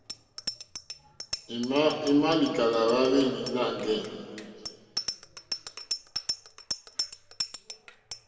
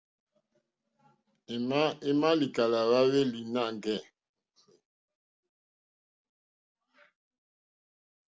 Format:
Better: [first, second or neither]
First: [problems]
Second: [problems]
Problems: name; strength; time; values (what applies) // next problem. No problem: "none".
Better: second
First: background sound (Bicycle bell); 10 dB below the speech // room echo; dies away in 2.1 s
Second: none